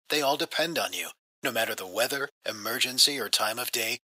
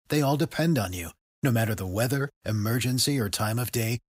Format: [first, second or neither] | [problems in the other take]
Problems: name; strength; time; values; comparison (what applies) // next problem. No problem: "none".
second | thin; very; fading below 550 Hz